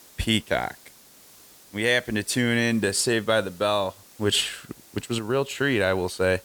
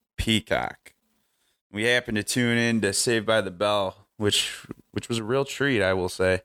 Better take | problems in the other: second | hiss; faint; throughout; 25 dB below the speech

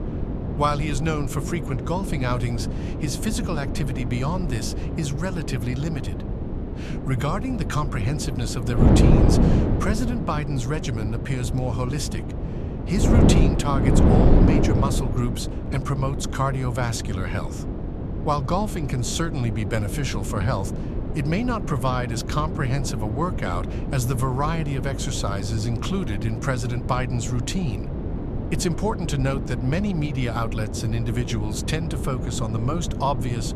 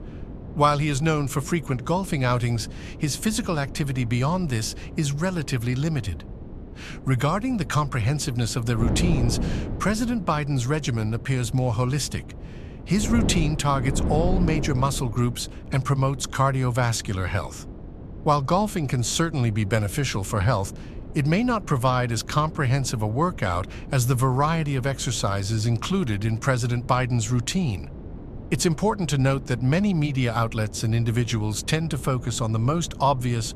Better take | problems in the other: second | wind noise on the microphone; heavy; 4 dB below the speech; occasional gusts in the second

